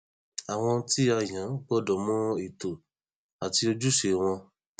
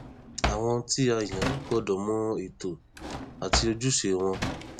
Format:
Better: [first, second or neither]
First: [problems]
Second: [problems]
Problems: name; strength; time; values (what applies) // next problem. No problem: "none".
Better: first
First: none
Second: background sound (Drawer open or close); 6 dB below the speech